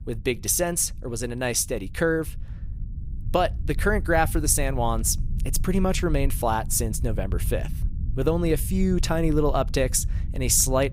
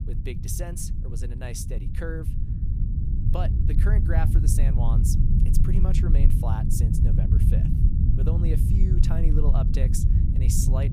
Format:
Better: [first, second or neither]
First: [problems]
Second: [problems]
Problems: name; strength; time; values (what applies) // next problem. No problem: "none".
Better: first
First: low rumble; faint; throughout; 20 dB below the speech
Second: low rumble; loud; throughout; 1 dB below the speech